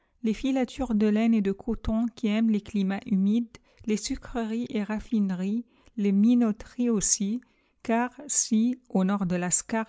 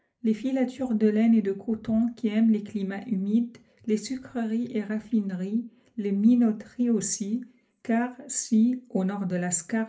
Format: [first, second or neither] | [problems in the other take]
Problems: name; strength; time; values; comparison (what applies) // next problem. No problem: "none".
first | room echo; dies away in 0.3 s